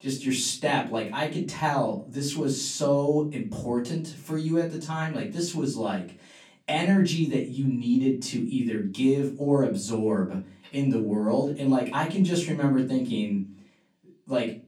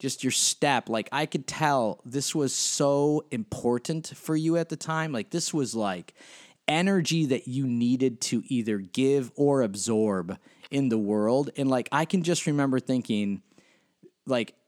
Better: second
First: room echo; slight; dies away in 0.3 s // off-mic speech; far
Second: none

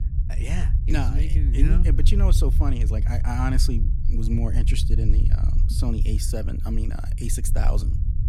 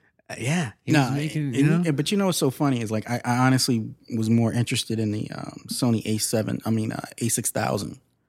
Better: second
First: low rumble; loud; throughout; 7 dB below the speech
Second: none

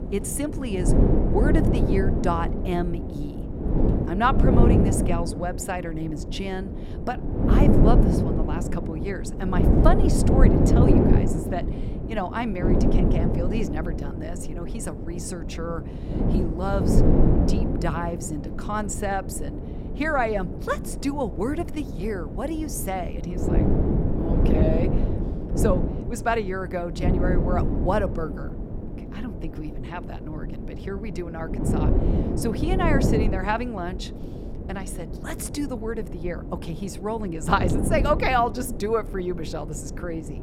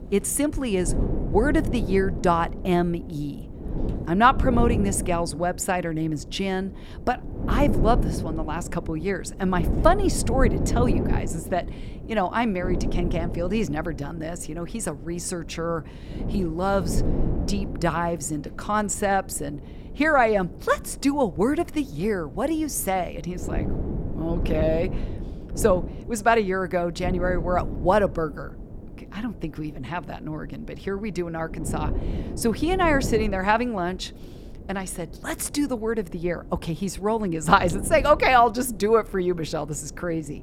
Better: second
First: wind noise on the microphone; heavy; 2 dB below the speech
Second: wind noise on the microphone; occasional gusts; 15 dB below the speech

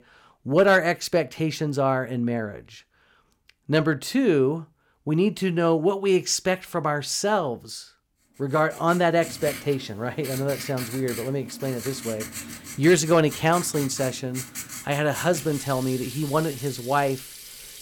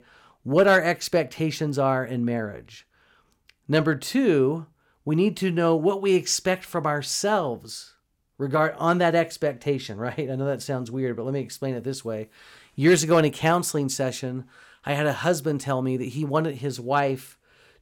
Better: second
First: household noises; noticeable; from 9 s on; 10 dB below the speech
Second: none

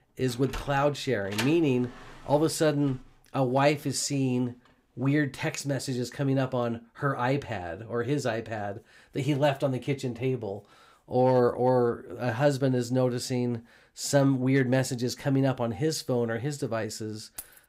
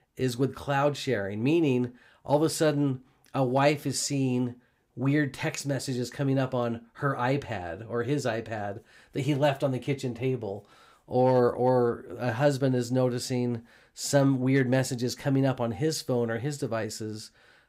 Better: second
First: door banging; noticeable; until 3 s; peak 6 dB below the speech // jangling keys; faint; at 17 s; peak 15 dB below the speech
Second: none

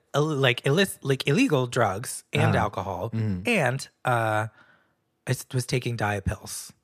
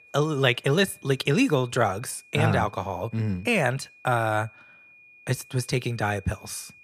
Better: first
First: none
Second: high-pitched whine; faint; throughout; 2.5 kHz, 25 dB below the speech

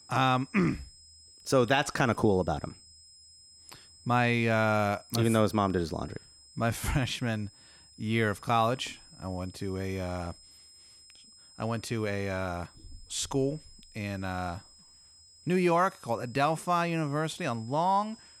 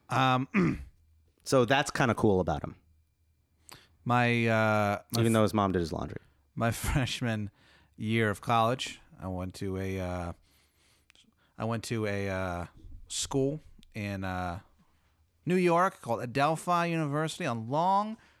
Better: second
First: high-pitched whine; faint; throughout; 5 kHz, 25 dB below the speech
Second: none

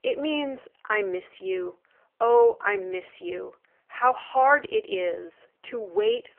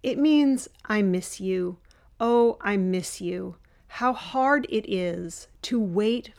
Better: second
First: phone-call audio; poor line; nothing above 3 kHz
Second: none

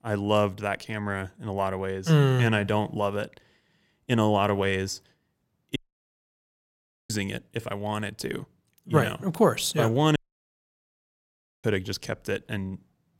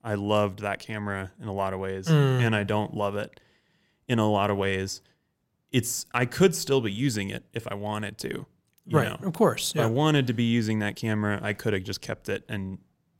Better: second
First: audio cutting out; at 6 s for 1.5 s and at 10 s for 1.5 s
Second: none

